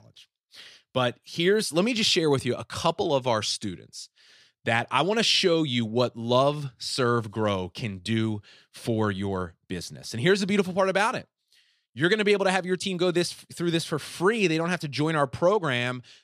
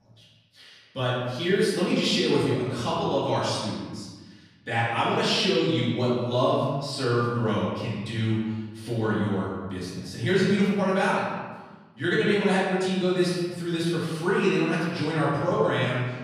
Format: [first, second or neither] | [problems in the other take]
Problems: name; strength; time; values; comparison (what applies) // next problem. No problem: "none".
first | off-mic speech; far // room echo; strong; dies away in 1.3 s